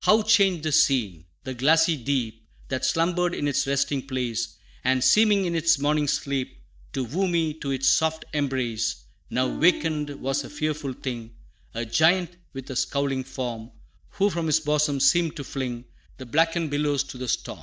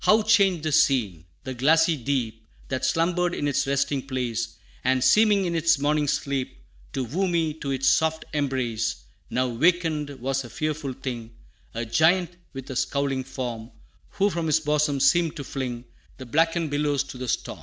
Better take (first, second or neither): second